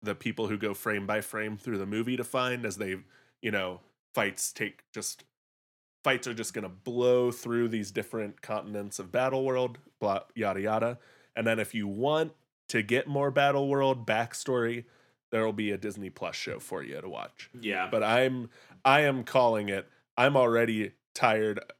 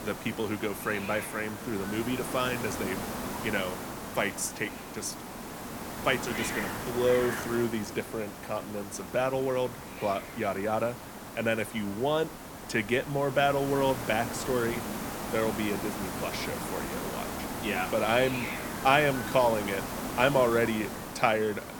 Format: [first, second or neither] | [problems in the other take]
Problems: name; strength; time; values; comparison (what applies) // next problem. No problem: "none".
first | hiss; loud; throughout; 7 dB below the speech